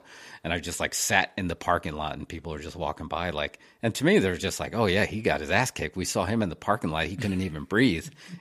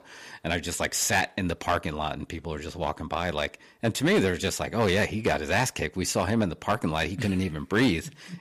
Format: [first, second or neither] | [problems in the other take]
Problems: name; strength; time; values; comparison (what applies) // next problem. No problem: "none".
first | distortion; slight; 4% of the sound clipped